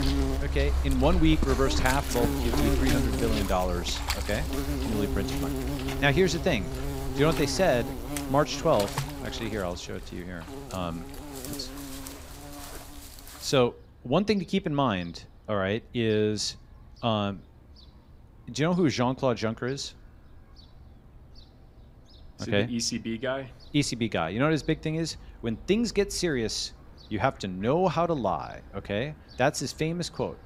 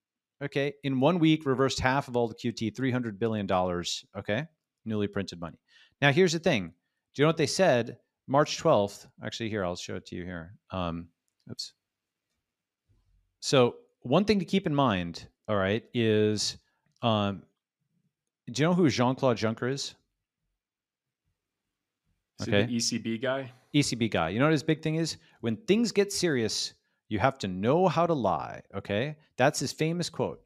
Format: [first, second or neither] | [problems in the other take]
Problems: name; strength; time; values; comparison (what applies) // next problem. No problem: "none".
second | animal sounds; loud; throughout; 4 dB below the speech